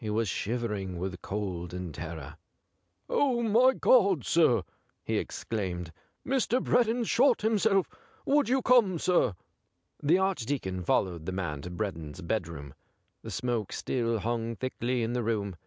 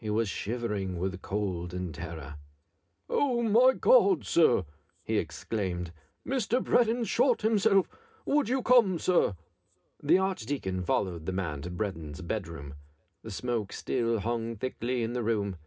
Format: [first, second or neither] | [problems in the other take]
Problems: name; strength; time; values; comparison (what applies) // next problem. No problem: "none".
first | room echo; dies away in 0.3 s